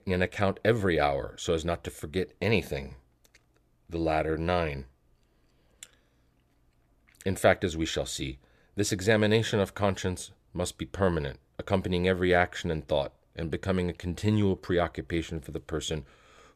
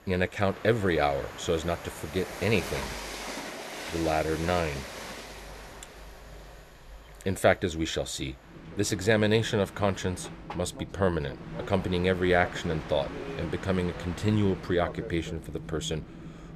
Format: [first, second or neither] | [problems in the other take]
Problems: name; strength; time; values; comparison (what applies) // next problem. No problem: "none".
first | train or aircraft noise; noticeable; throughout; 10 dB below the speech